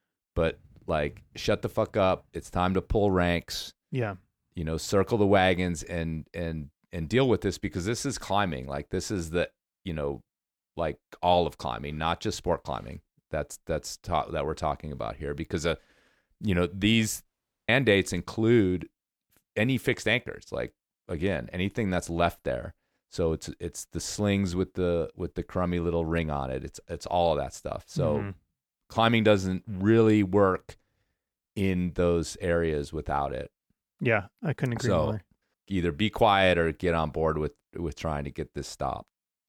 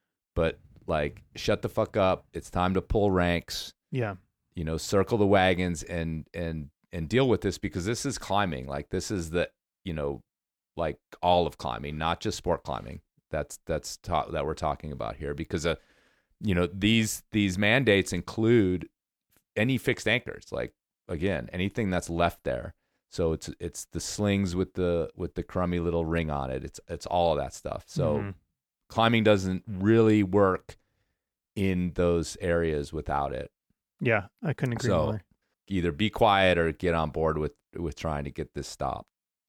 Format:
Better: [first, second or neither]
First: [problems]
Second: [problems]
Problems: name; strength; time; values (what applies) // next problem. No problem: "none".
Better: second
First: audio cutting out; at 17 s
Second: none